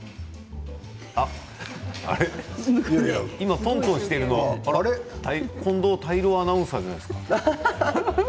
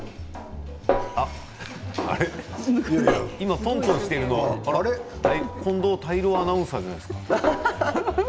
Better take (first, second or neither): first